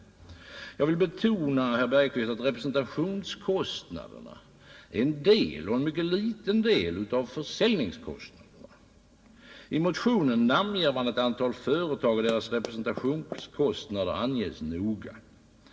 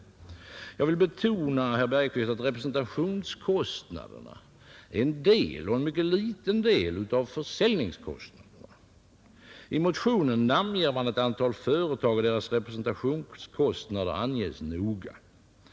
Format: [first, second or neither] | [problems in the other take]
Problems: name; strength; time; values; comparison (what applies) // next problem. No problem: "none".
second | background sound (Run); 13 dB below the speech // room echo; dies away in 0.7 s